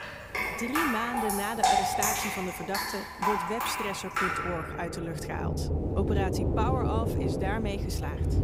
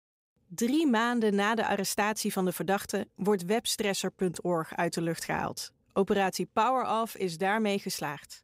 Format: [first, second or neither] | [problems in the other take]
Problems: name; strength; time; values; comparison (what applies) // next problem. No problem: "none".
second | rain or running water; very loud; throughout; 4 dB above the speech